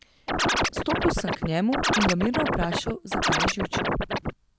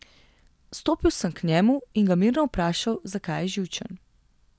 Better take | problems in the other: second | background sound (Scratching (performance technique)); 4 dB above the speech

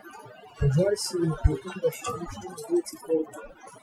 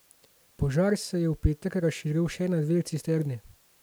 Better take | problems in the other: second | noise reduction (classical method Wiener filter)

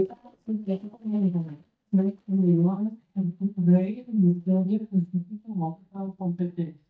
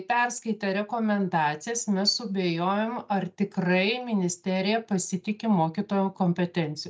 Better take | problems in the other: second | noise reduction (neural mask model DeepFilterNet 3)

